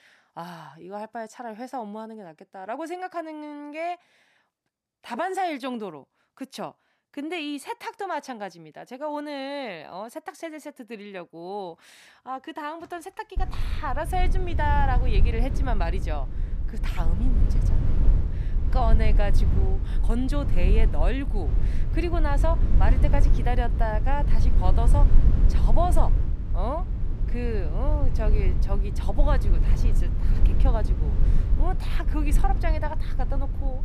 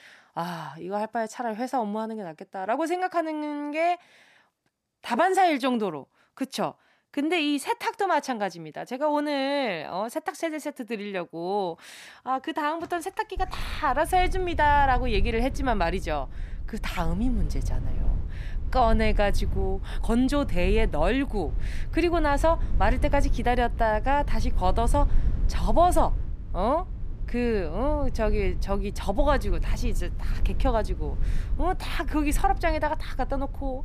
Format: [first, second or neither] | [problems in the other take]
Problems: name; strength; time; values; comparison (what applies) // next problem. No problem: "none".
second | low rumble; loud; from 13 s on; 10 dB below the speech; faint in the second